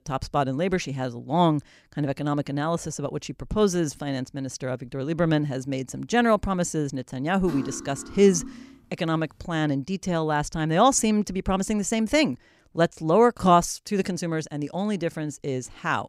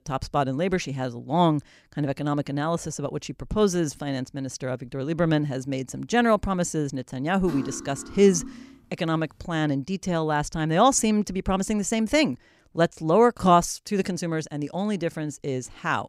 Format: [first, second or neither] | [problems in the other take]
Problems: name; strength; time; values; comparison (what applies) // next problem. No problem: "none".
neither | clattering dishes; noticeable; from 7.5 to 8.5 s; peak 10 dB below the speech; the same in both